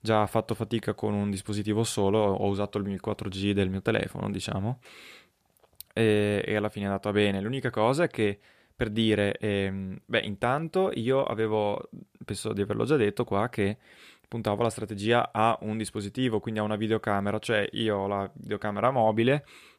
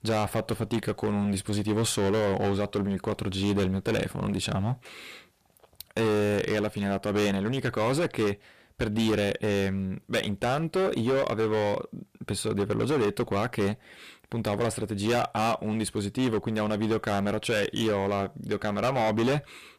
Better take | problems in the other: first | distortion; heavy; 15% of the sound clipped

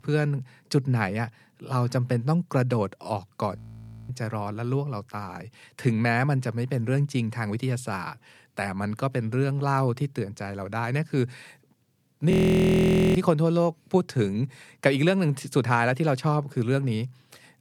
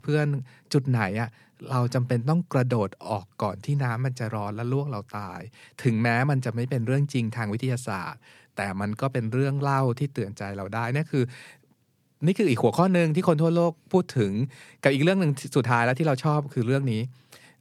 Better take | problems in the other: second | audio freezing; at 3.5 s for 0.5 s and at 12 s for 1 s

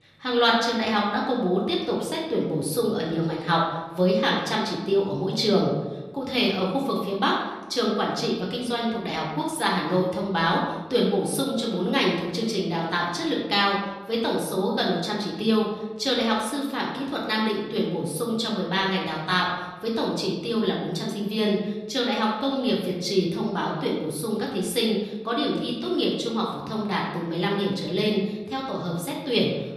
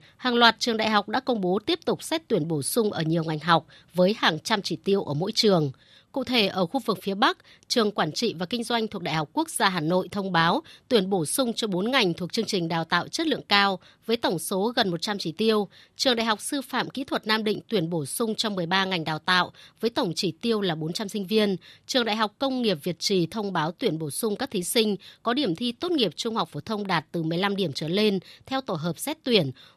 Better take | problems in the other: second | room echo; noticeable; dies away in 1 s // off-mic speech; far

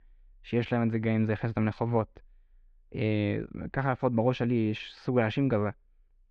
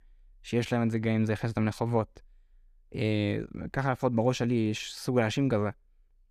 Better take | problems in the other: second | muffled; slightly; fading above 3 kHz

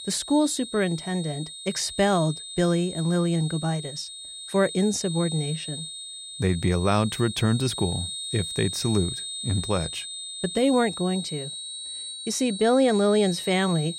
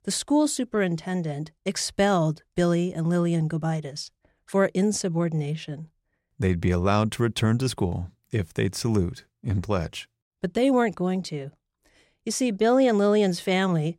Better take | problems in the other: second | high-pitched whine; loud; throughout; 3.5 kHz, 8 dB below the speech

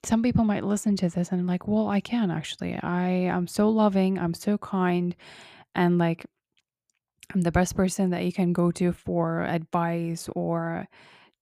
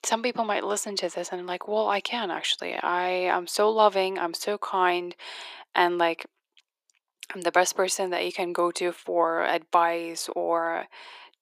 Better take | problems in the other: first | thin; very; fading below 400 Hz

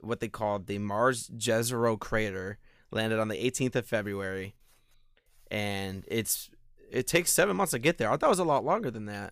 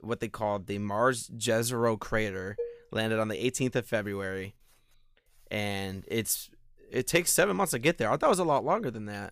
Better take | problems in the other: first | clattering dishes; noticeable; at 2.5 s; peak 10 dB below the speech

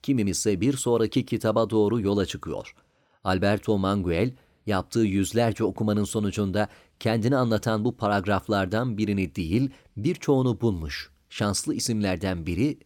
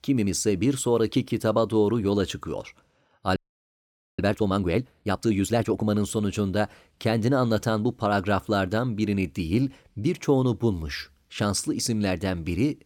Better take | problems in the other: first | audio freezing; at 3.5 s for 1 s

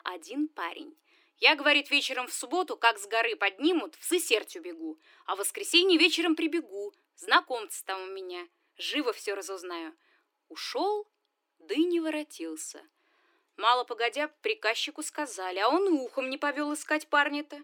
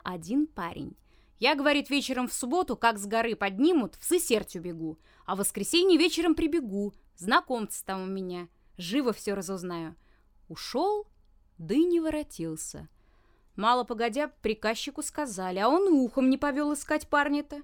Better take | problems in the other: second | thin; somewhat; fading below 300 Hz

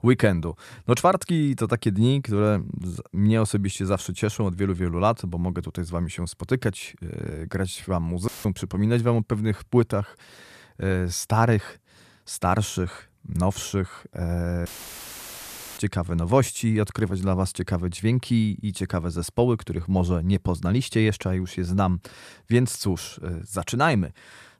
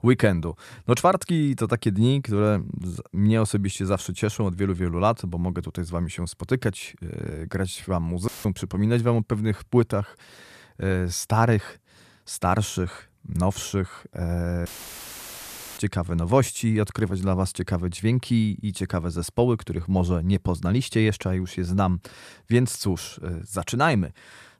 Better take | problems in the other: neither | audio cutting out; filled with static; at 8.5 s and at 15 s for 1 s; the same in both

